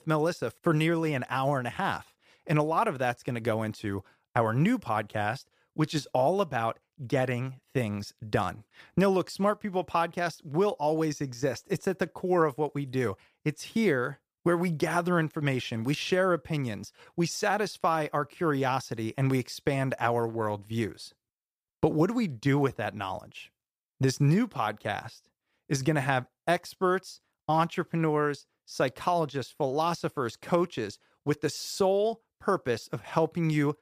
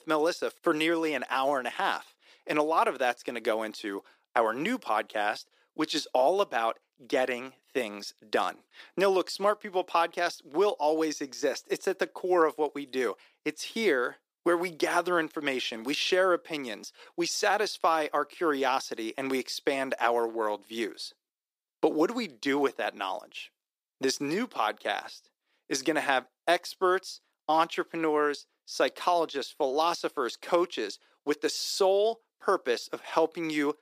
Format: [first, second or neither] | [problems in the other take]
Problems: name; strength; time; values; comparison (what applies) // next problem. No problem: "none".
first | thin; somewhat; fading below 300 Hz